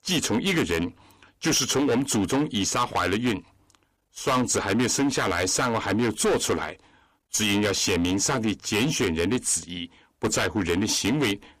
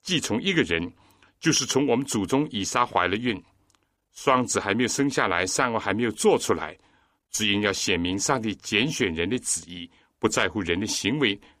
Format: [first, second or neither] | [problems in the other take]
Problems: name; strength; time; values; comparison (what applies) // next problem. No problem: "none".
second | distortion; heavy; 13% of the sound clipped